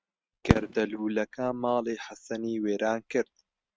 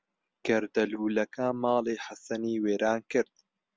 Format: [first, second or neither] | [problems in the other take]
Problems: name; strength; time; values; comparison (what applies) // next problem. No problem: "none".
second | noise reduction (neural mask model RNNoise)